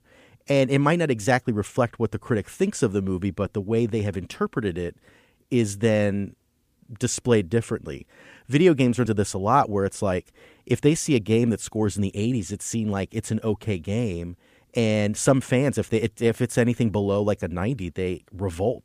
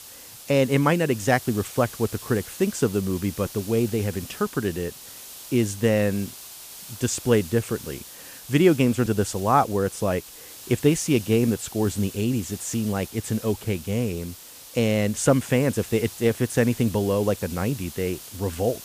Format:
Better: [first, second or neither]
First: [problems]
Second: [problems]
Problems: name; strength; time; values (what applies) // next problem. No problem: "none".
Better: first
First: none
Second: hiss; noticeable; throughout; 15 dB below the speech